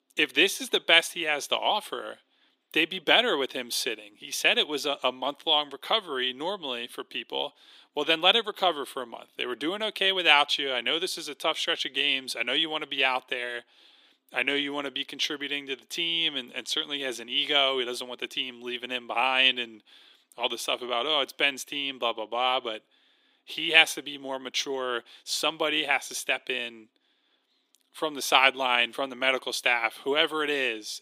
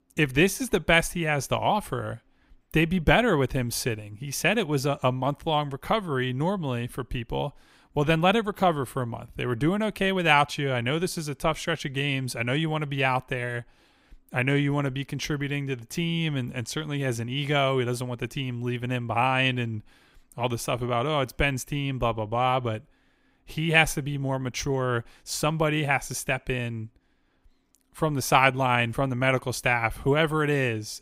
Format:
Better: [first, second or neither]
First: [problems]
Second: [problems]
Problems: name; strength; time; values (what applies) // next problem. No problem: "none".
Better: second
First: thin; somewhat; fading below 300 Hz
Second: none